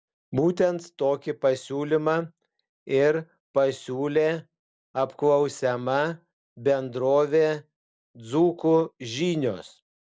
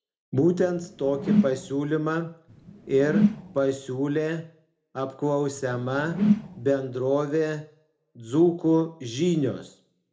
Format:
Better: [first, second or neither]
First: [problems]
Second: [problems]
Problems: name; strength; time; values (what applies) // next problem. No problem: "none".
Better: first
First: none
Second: background sound (Whoosh, swoosh, swish); 2 dB below the speech // room echo; dies away in 0.3 s